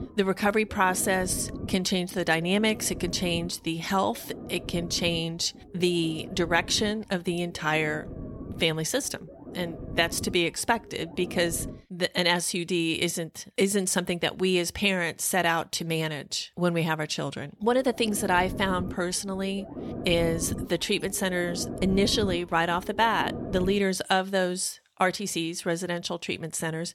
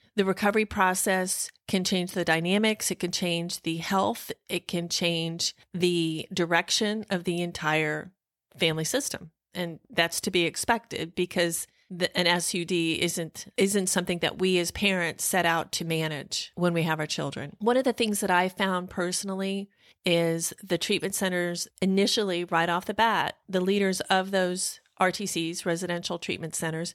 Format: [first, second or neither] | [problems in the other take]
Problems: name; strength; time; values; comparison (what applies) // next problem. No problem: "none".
second | low rumble; noticeable; until 12 s and from 18 to 24 s; 15 dB below the speech